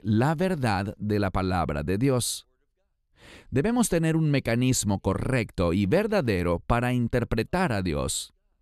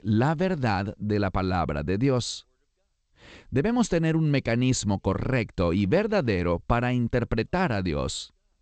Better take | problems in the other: first | garbled, watery; slightly; nothing above 8 kHz

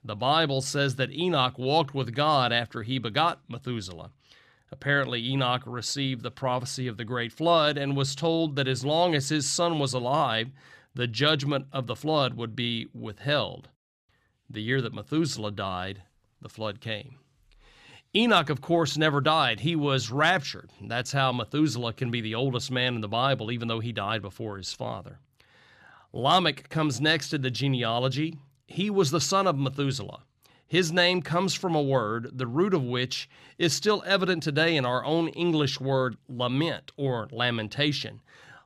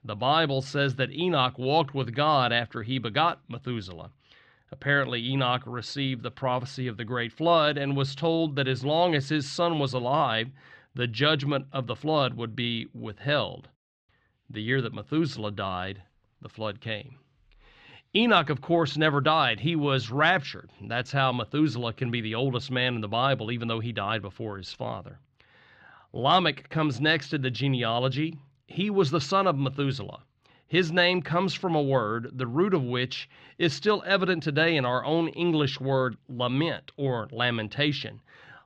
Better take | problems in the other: first | muffled; very slightly; fading above 3 kHz

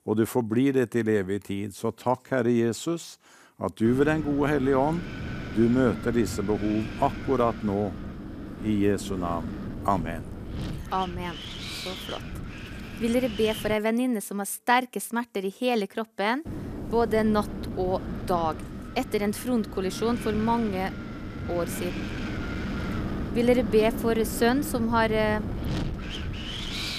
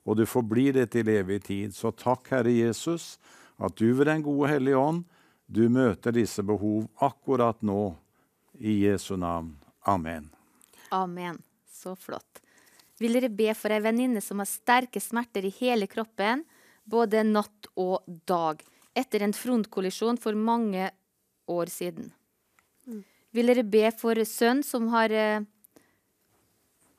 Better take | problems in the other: second | wind noise on the microphone; occasional gusts; from 4 to 14 s and from 16 s on; 10 dB below the speech

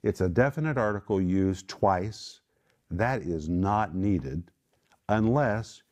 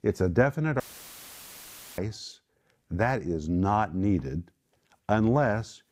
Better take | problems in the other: first | audio cutting out; filled with static; at 1 s for 1 s

